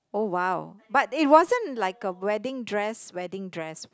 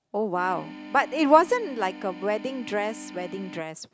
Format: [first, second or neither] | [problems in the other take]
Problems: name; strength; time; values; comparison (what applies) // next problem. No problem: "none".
first | background sound (Organ); 15 dB below the speech